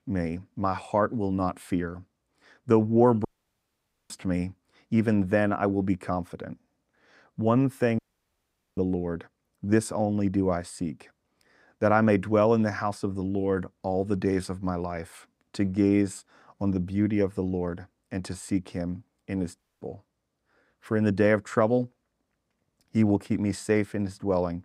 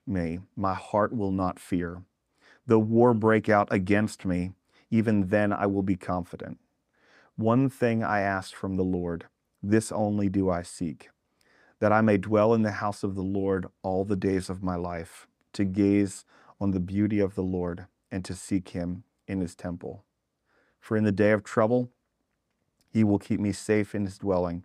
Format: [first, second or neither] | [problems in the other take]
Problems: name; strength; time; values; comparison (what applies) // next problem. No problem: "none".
second | audio cutting out; at 3.5 s for 1 s, at 8 s for 1 s and at 20 s